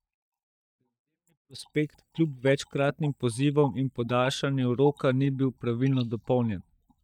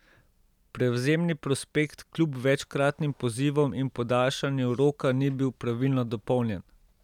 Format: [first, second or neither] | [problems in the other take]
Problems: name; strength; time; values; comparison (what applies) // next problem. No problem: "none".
second | noise reduction (neural mask model DeepFilterNet 3)